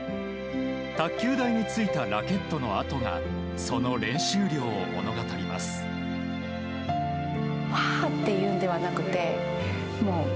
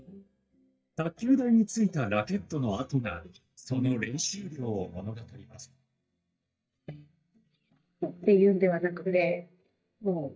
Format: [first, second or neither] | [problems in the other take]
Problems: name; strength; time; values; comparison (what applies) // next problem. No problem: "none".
first | noise reduction (neural mask model DeepFilterNet 3)